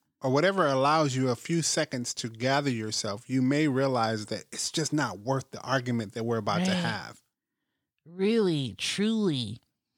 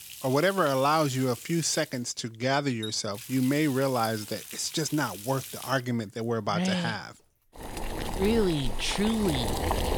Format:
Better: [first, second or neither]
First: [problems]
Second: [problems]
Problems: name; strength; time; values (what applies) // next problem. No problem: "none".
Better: first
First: none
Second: household noises; loud; throughout; 9 dB below the speech